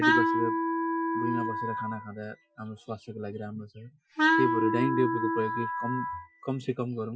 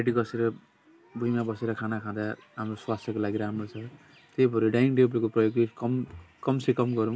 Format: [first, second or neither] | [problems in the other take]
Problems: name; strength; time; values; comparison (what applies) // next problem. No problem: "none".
second | noise reduction (classical method Wiener filter)